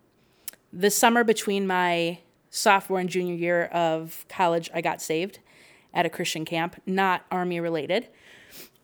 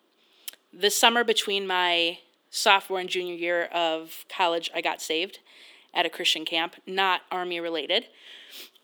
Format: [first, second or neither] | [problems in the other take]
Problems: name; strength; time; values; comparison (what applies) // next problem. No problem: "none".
first | thin; somewhat; fading below 250 Hz